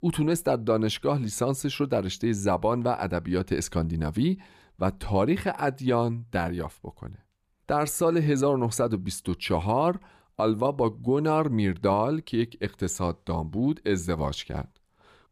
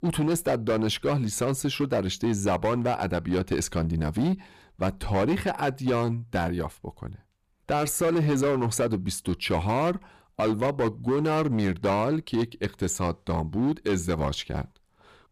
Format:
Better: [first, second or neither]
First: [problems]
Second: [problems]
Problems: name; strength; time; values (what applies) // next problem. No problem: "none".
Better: first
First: none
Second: distortion; slight; 11% of the sound clipped